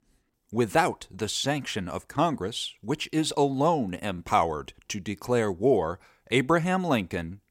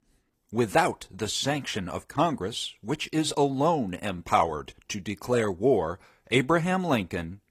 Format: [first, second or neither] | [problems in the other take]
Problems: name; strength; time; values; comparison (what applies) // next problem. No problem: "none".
first | garbled, watery; slightly; nothing above 14.5 kHz